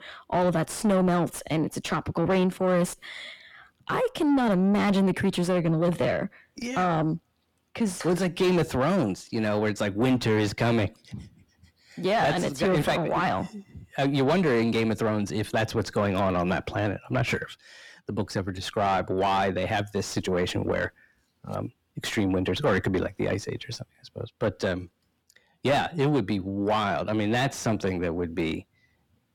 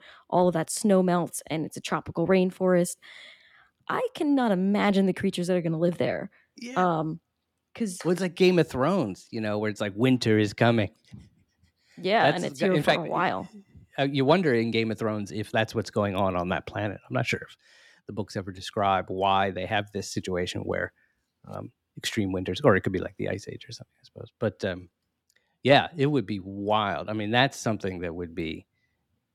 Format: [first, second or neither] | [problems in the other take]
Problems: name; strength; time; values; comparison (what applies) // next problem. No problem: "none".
second | distortion; heavy; 6 dB below the speech